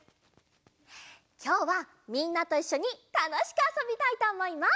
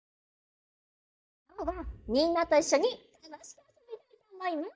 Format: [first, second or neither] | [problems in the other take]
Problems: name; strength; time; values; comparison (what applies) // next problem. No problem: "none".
first | noise reduction (neural mask model DeepFilterNet 3)